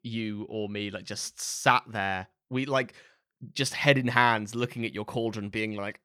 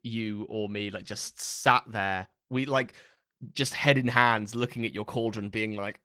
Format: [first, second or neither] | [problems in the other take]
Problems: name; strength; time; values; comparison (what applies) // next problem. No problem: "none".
first | garbled, watery; slightly